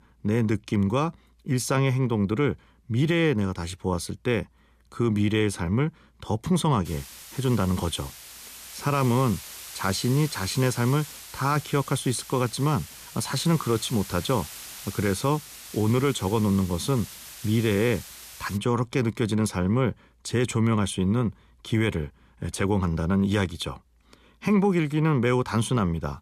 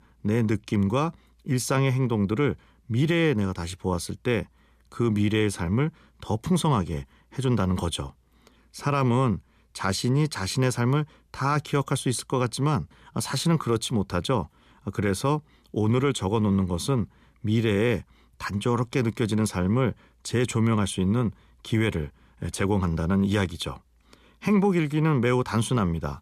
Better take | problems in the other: second | hiss; noticeable; from 7 to 19 s; 15 dB below the speech

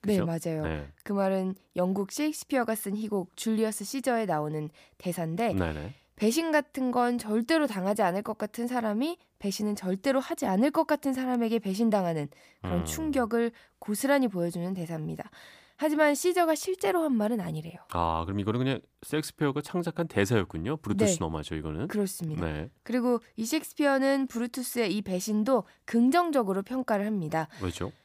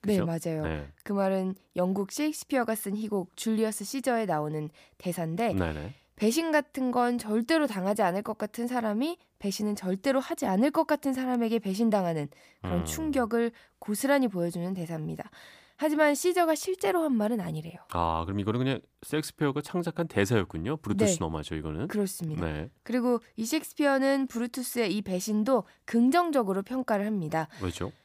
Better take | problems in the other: neither | none

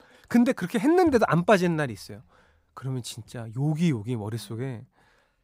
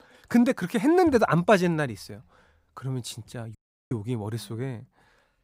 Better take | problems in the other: first | audio cutting out; at 3.5 s

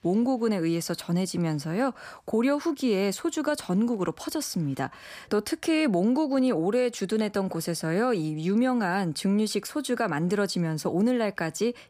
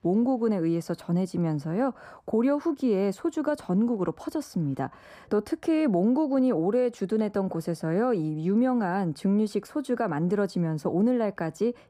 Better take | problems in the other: first | muffled; slightly; fading above 1.5 kHz

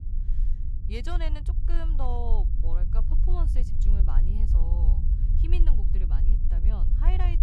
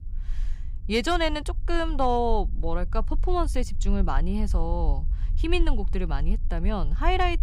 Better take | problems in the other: second | low rumble; loud; throughout; 5 dB below the speech; faint in the second

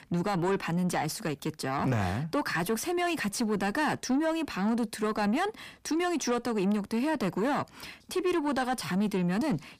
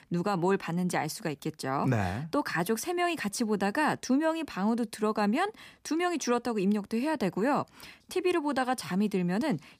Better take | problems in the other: second | distortion; slight; 10 dB below the speech

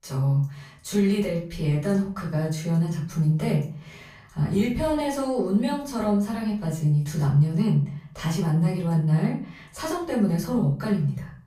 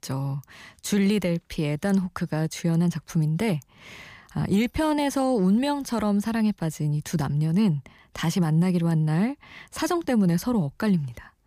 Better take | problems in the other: second | off-mic speech; far // room echo; slight; dies away in 0.4 s

